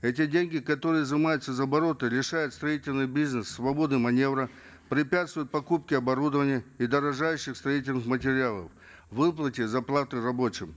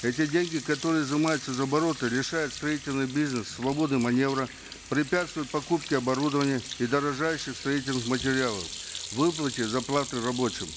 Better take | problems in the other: first | background sound (Sink (filling or washing) / Hands); 12 dB below the speech

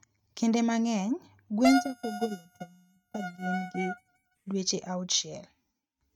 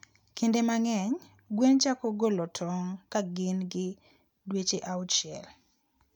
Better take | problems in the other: second | noise reduction (neural mask model RNNoise)

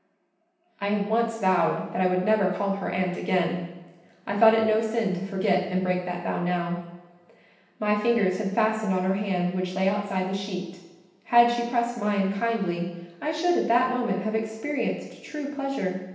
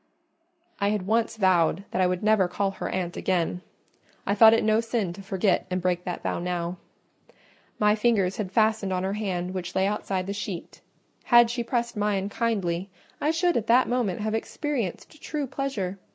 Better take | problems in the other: second | room echo; dies away in 0.9 s

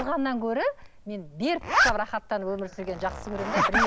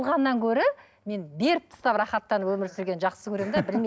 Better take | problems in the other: second | background sound (Zipper (clothing)); as loud as the speech

